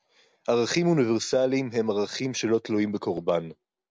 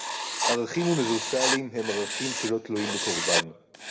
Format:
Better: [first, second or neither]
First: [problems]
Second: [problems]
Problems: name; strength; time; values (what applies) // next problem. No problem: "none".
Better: first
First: none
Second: background sound (Writing); 1 dB below the speech // room echo; dies away in 1.7 s